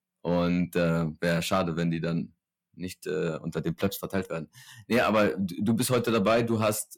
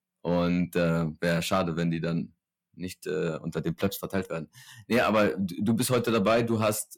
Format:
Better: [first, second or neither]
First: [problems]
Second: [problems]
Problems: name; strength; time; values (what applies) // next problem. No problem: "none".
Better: neither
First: distortion; slight; 10 dB below the speech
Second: distortion; slight; 10 dB below the speech